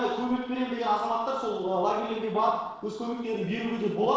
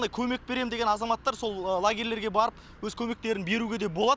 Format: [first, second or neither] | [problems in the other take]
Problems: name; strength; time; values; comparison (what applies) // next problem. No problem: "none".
second | noise reduction (neural separator model SepFormer DNS4)